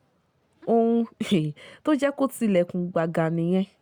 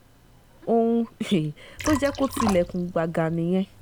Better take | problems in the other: first | background sound (Liquid); 12 dB below the speech

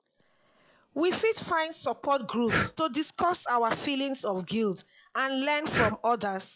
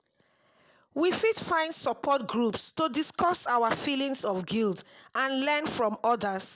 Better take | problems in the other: second | noise reduction (classical method log-MMSE)

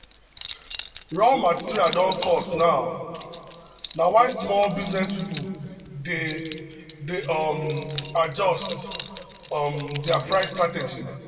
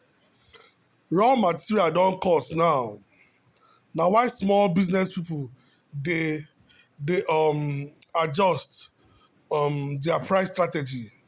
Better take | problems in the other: second | background sound (Keys jangling); 16 dB below the speech // room echo; dies away in 1.7 s

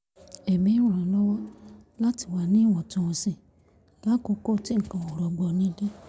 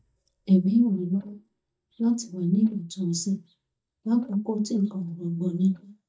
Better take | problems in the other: first | noise reduction (neural mask model DeepFilterNet 3)

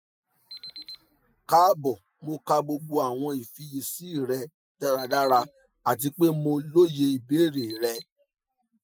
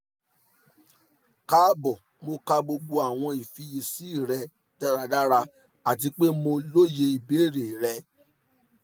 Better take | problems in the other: second | noise reduction (classical method Wiener filter)

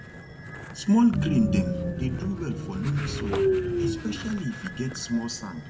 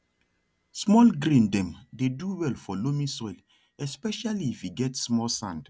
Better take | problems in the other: second | background sound (Train); 2 dB below the speech // room echo; dies away in 0.5 s

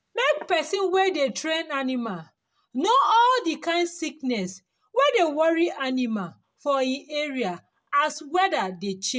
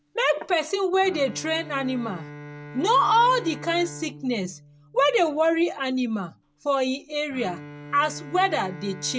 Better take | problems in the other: first | background sound (Bowed string instrument); 17 dB below the speech

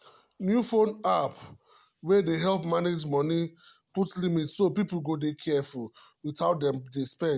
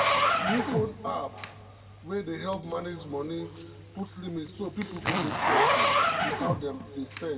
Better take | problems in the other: first | background sound (Zipper (clothing)); 5 dB above the speech // room echo; dies away in 1.8 s

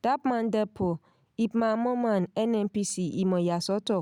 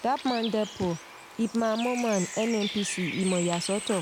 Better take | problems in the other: first | background sound (Bird); 10 dB below the speech

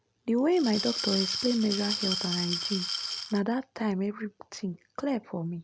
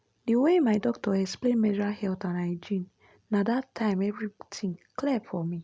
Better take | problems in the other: second | background sound (Glass); 4 dB below the speech

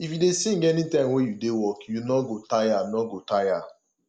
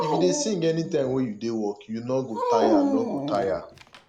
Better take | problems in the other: first | background sound (Dog); 1 dB below the speech

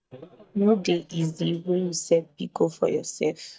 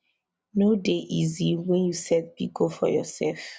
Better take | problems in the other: second | noise reduction (neural mask model DeepFilterNet 3)

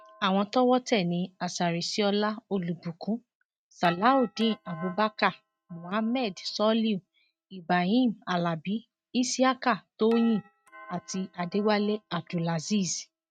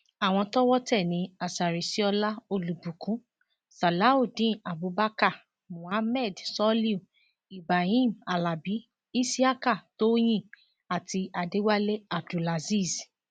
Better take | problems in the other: second | noise reduction (neural mask model RNNoise)

